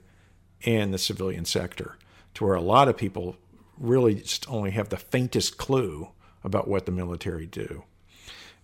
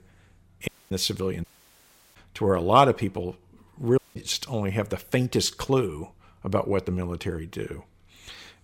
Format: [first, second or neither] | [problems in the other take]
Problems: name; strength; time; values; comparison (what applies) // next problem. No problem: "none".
first | audio cutting out; at 0.5 s, at 1.5 s for 0.5 s and at 4 s